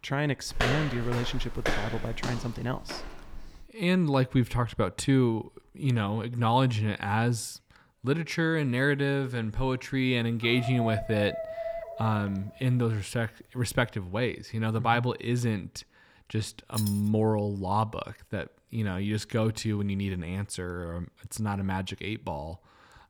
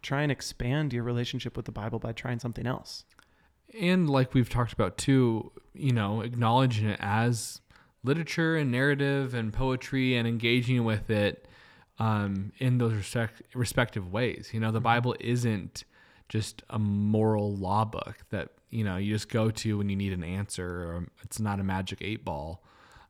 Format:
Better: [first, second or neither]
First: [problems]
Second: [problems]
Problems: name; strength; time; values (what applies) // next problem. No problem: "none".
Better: second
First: footsteps; noticeable; until 3.5 s; peak level with the speech // dog barking; noticeable; from 10 to 13 s; peak 5 dB below the speech // jangling keys; noticeable; at 17 s; peak 7 dB below the speech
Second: none